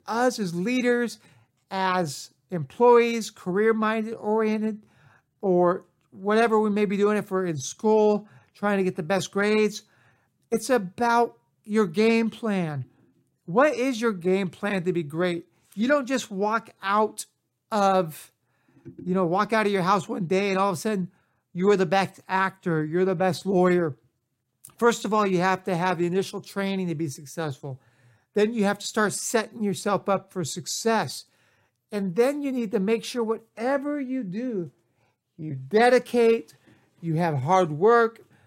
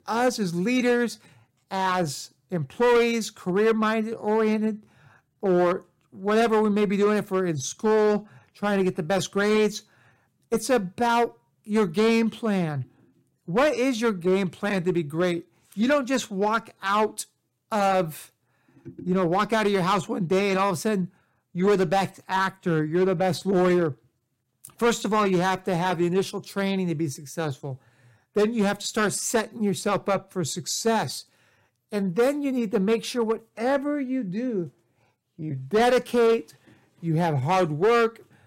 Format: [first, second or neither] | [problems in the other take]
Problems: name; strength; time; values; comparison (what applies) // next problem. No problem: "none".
first | distortion; slight; 5% of the sound clipped